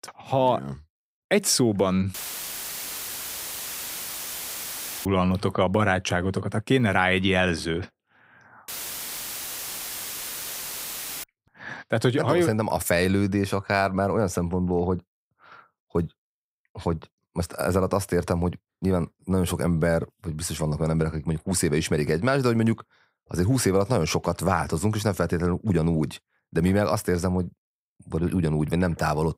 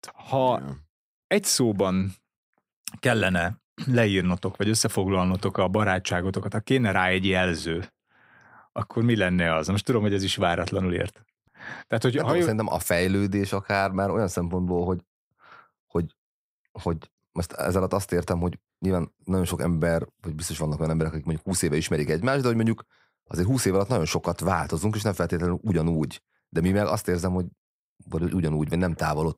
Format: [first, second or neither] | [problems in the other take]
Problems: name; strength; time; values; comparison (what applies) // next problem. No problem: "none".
second | audio cutting out; filled with static; at 2 s for 3 s and at 8.5 s for 2.5 s